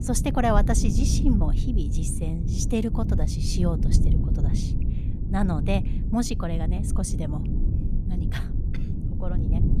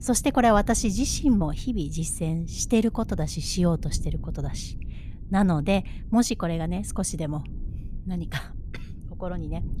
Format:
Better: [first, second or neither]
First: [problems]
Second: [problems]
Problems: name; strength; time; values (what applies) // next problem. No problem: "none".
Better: second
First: low rumble; loud; throughout; 8 dB below the speech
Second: low rumble; faint; throughout; 25 dB below the speech